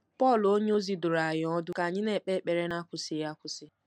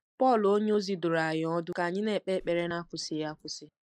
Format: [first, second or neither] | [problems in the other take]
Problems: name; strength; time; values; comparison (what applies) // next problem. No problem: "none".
first | noise reduction (neural mask model Resemble Enhance denoiser)